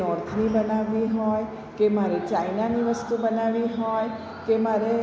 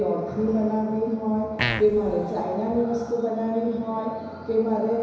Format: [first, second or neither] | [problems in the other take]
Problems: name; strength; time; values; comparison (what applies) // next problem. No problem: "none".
first | background sound (Fart); 5 dB below the speech // room echo; dies away in 1 s